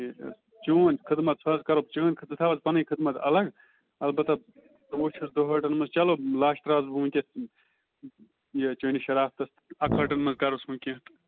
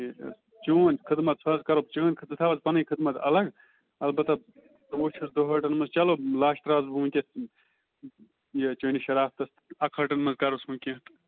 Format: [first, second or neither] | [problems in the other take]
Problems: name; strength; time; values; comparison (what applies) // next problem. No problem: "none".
second | background sound (Brass instrument); 5 dB below the speech